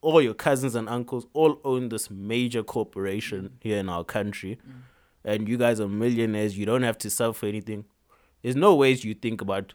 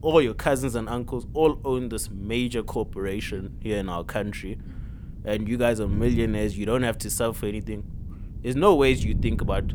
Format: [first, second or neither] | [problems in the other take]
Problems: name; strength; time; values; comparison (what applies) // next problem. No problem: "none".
first | wind noise on the microphone; occasional gusts; 20 dB below the speech